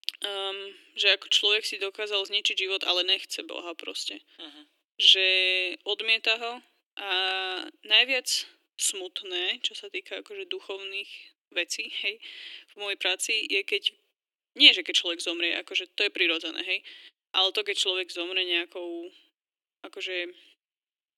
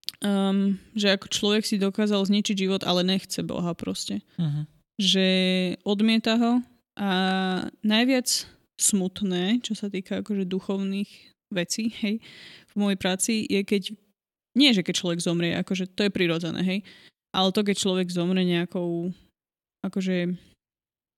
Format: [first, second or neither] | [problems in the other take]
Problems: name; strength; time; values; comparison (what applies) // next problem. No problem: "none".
second | thin; very; fading below 300 Hz